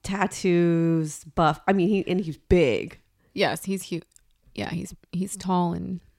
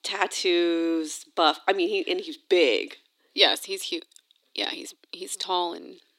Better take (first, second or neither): first